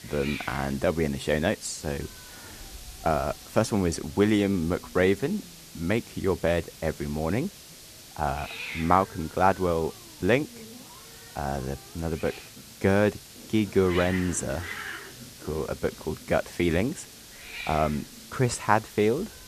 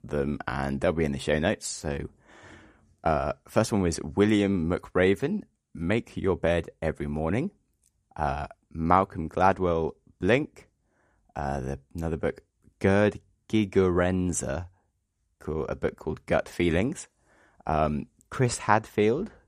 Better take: second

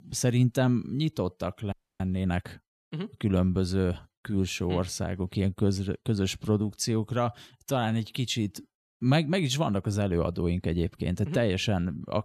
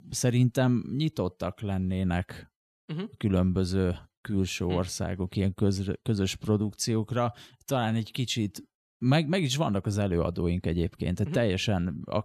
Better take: second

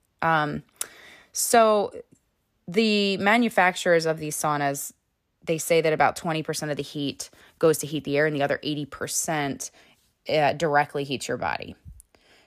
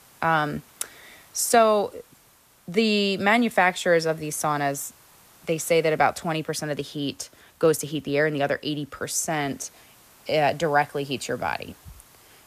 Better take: first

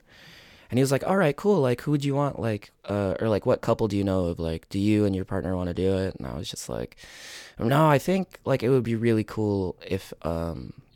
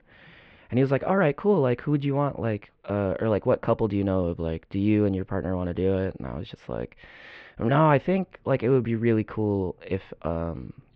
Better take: first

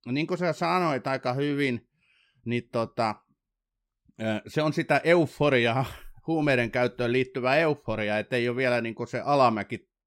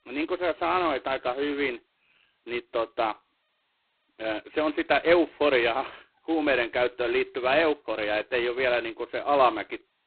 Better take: first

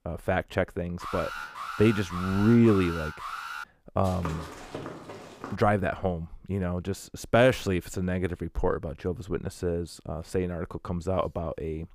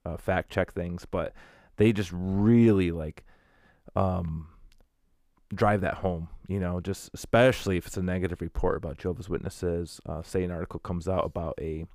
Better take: second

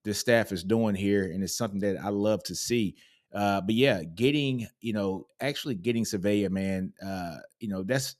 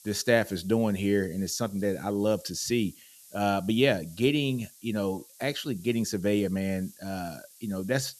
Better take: first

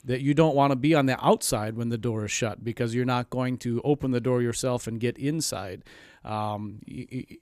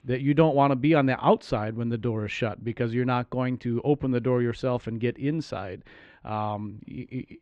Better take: first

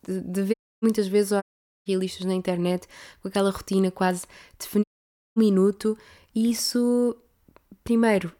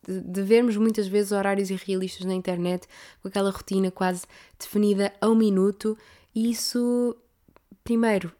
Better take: second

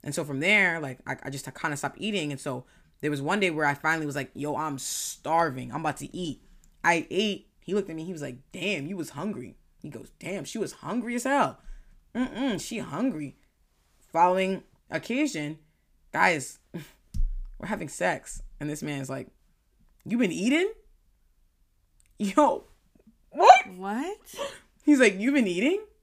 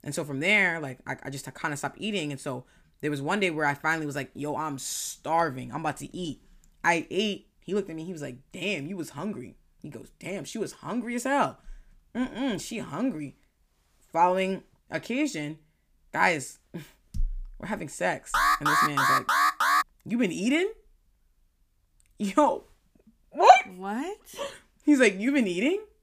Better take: first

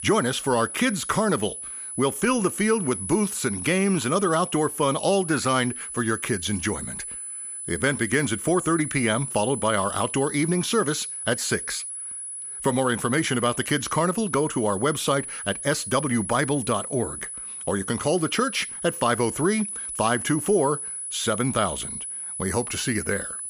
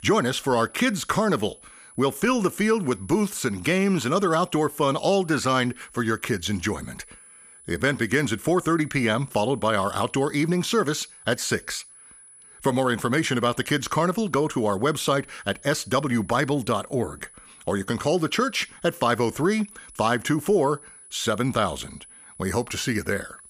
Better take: second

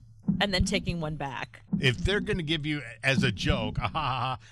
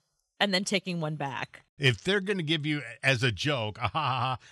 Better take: second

